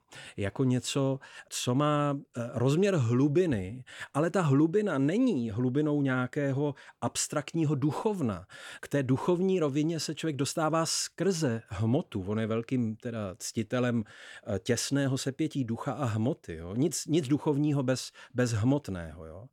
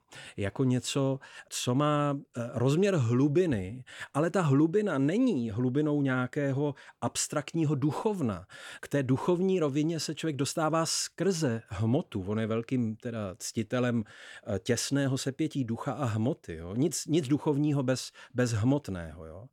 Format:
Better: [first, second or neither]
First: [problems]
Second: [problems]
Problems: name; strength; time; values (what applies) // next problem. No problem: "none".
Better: neither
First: none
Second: none